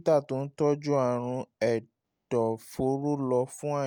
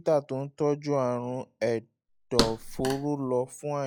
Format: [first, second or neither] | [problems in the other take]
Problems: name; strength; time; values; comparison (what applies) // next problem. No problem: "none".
first | noise reduction (classical method log-MMSE)